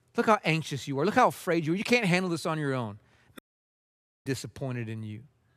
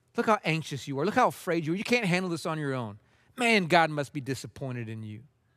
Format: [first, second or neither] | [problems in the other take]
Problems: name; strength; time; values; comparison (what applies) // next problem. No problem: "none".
second | audio cutting out; at 3.5 s for 1 s